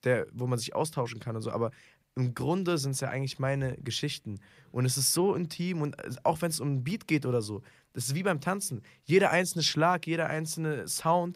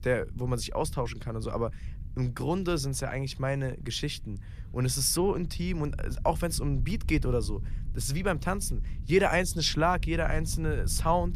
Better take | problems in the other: first | low rumble; faint; throughout; 25 dB below the speech

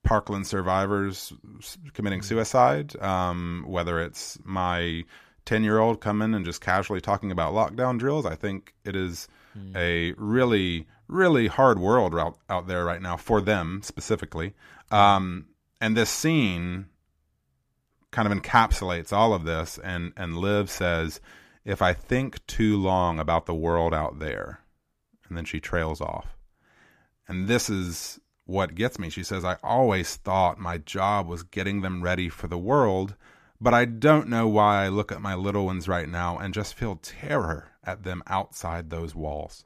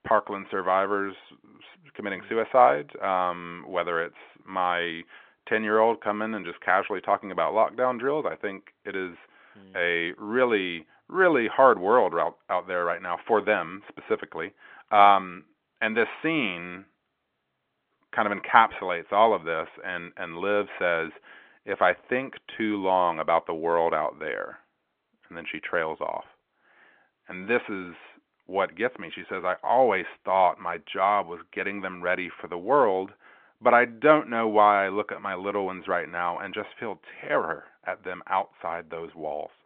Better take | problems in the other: first | phone-call audio; nothing above 3.5 kHz

